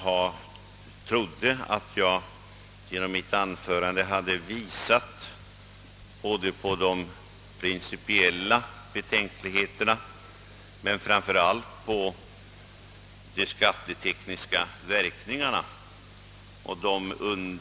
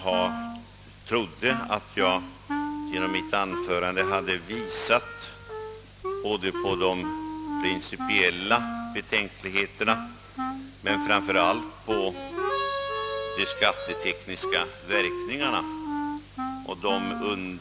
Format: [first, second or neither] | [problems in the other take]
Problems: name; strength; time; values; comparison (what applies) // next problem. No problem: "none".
first | background sound (Harmonica + Wind instrument, woodwind instrument); 4 dB below the speech